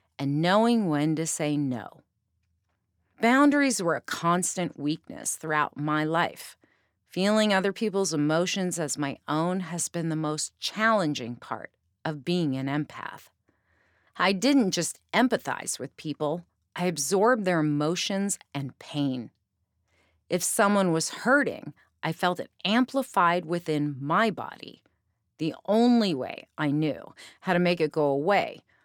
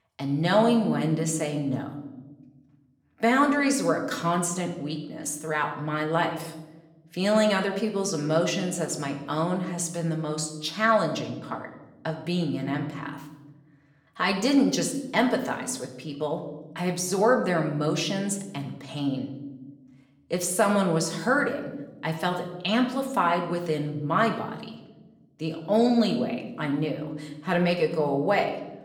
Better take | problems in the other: first | room echo; slight; dies away in 0.8 s // off-mic speech; somewhat distant

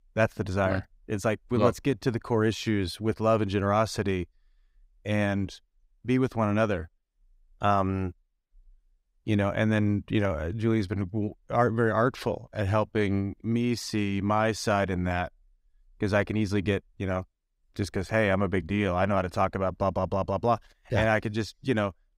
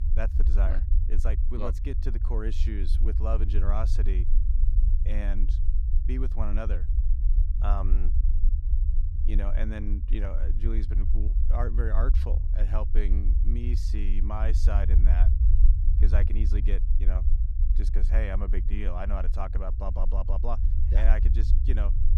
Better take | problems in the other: first | low rumble; loud; throughout; 8 dB below the speech

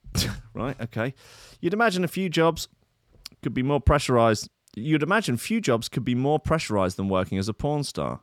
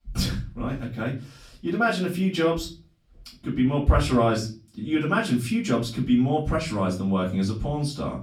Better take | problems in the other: first | off-mic speech; far // room echo; slight; dies away in 0.3 s

